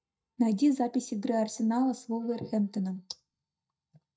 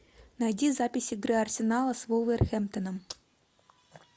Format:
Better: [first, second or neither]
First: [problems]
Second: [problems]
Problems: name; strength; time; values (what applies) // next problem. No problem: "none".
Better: second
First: noise reduction (neural mask model DeepFilterNet 3)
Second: none